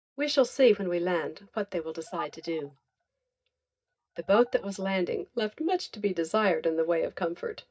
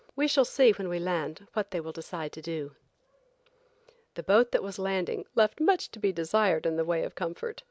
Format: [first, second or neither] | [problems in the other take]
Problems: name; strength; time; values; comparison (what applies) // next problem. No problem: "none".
second | noise reduction (neural mask model DeepFilterNet 3)